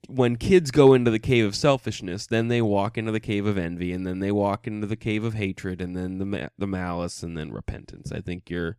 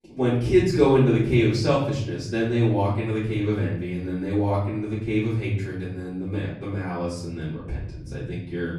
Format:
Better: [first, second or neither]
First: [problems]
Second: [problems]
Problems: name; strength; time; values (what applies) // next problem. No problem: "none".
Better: first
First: none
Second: off-mic speech; far // room echo; noticeable; dies away in 0.9 s